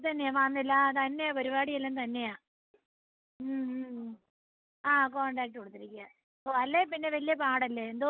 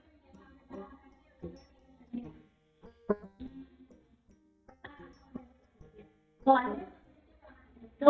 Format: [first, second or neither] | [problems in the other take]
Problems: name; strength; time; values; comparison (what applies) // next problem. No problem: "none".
first | noise reduction (neural mask model DeepFilterNet 3)